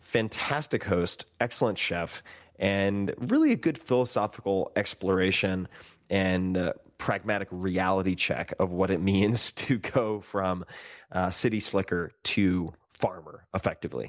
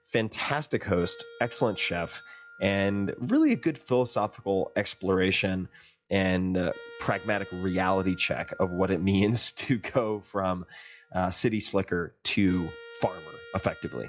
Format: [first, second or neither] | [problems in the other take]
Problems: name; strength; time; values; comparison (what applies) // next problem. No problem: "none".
first | noise reduction (classical method log-MMSE)